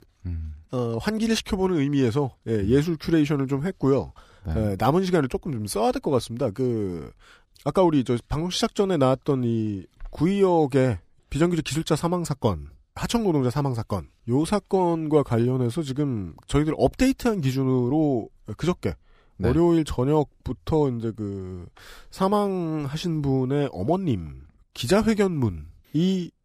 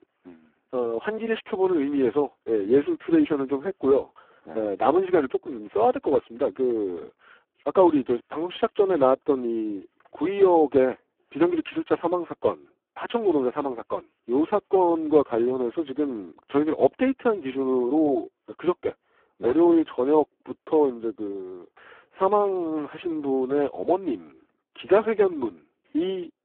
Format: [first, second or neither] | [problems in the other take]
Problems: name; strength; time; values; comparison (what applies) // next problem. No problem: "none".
first | phone-call audio; poor line